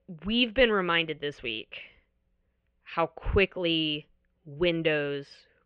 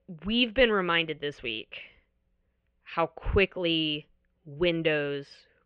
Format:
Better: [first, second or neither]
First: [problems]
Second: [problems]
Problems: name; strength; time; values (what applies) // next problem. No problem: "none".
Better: neither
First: muffled; very; fading above 2.5 kHz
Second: muffled; very; fading above 2.5 kHz